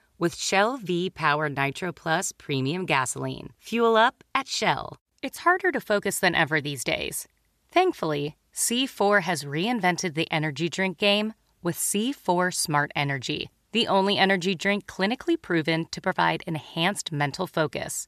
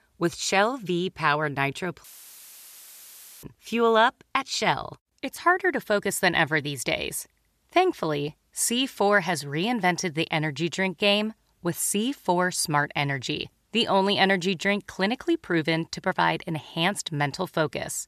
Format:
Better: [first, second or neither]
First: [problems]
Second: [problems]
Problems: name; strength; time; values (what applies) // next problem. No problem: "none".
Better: first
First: none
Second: audio cutting out; filled with static; at 2 s for 1.5 s